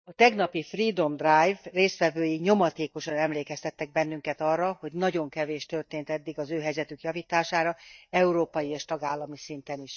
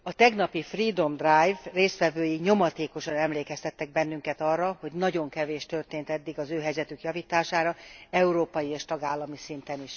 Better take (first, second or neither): second